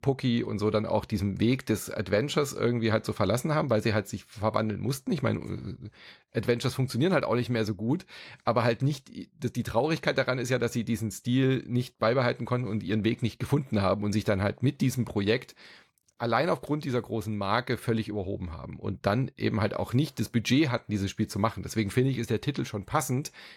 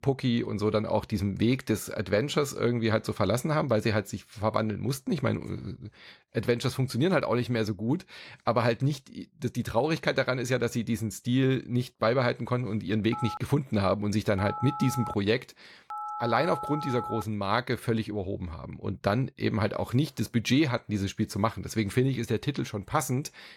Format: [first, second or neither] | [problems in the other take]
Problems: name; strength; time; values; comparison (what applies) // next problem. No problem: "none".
first | phone ringing; noticeable; from 13 to 17 s; peak 7 dB below the speech